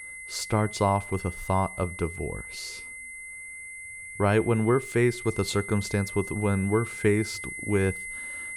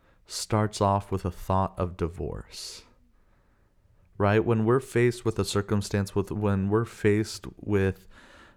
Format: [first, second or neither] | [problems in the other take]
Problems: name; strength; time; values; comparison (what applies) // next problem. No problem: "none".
second | high-pitched whine; loud; throughout; 2 kHz, 10 dB below the speech